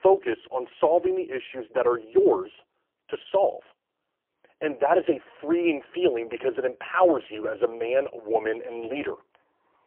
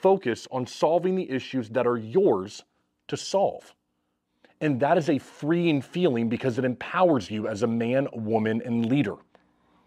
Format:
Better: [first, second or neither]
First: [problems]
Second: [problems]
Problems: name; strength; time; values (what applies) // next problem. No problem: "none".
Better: second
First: phone-call audio; poor line; nothing above 3 kHz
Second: none